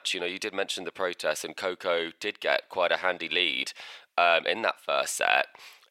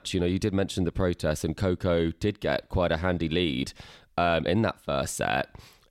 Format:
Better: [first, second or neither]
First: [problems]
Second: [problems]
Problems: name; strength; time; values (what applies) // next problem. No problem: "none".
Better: second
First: thin; very; fading below 700 Hz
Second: none